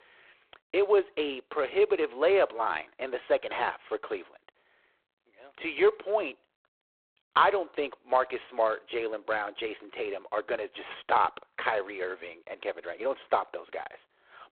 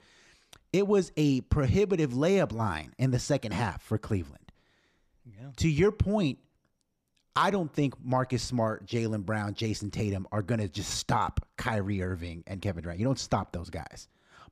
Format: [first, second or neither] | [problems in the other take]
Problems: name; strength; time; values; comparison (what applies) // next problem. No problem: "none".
second | phone-call audio; poor line